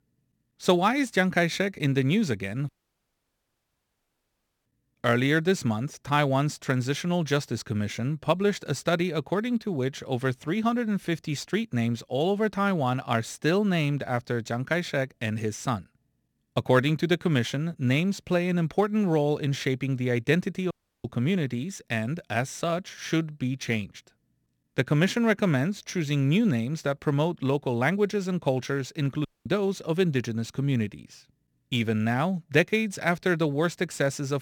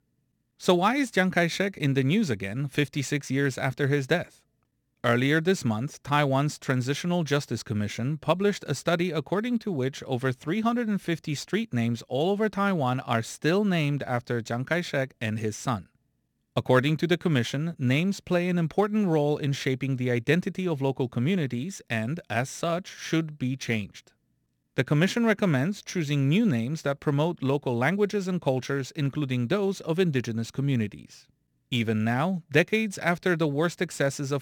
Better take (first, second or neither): second